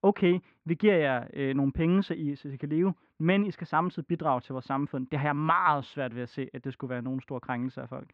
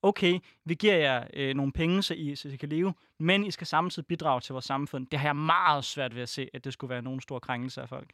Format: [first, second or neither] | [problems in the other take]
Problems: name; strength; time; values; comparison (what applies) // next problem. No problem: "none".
second | muffled; very; fading above 1.5 kHz